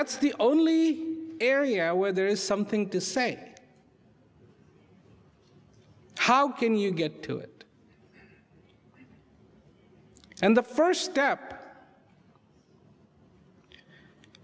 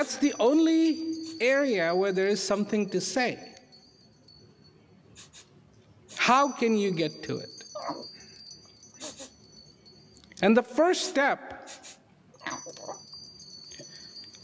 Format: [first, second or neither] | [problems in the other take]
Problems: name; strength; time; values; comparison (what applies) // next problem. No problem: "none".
first | background sound (Respiratory sounds + Bell); 17 dB below the speech